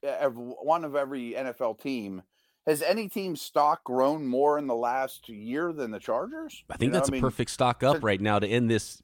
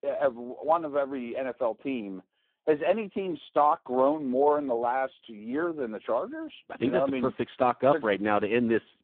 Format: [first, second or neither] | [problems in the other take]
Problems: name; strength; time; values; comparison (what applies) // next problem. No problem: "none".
first | phone-call audio; poor line